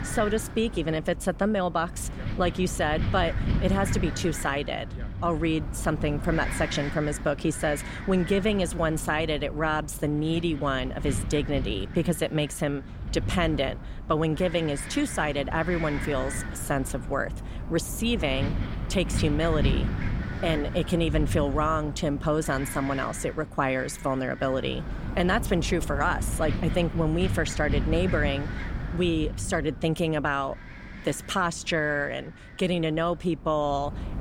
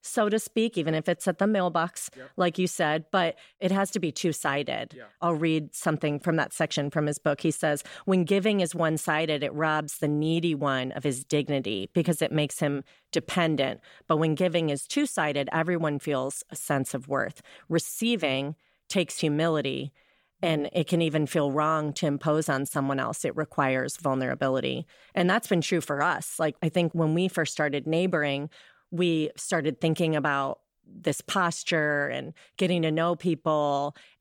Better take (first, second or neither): second